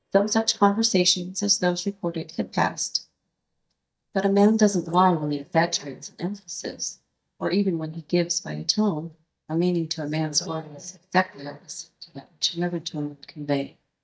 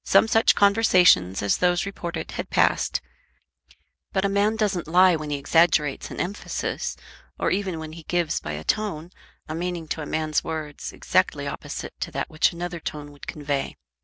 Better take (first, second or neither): second